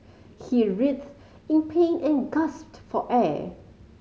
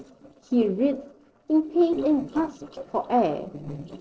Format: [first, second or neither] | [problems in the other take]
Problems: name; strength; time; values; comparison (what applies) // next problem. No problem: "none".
first | noise reduction (neural separator model SepFormer DNS4)